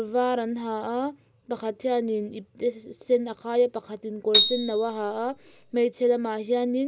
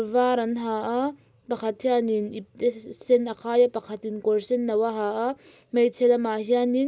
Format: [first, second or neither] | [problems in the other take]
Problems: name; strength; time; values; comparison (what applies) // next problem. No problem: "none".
second | background sound (Piano); 1 dB above the speech